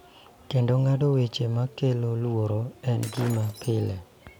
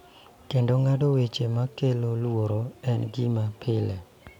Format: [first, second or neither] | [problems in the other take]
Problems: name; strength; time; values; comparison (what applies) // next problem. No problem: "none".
second | background sound (Shatter); 17 dB below the speech